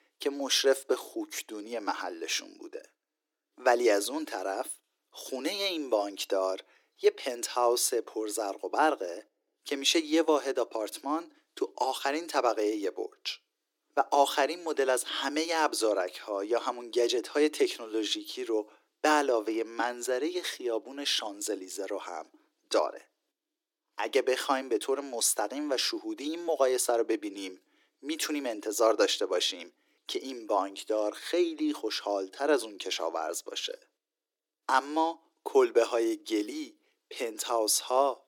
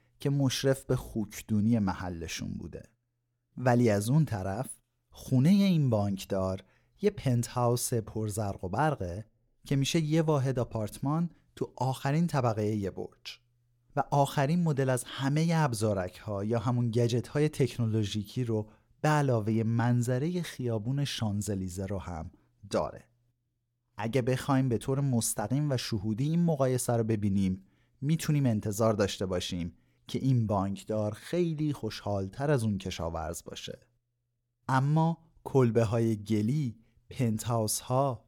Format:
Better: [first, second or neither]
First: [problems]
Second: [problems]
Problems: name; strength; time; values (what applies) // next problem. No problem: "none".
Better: second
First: thin; very; fading below 300 Hz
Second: none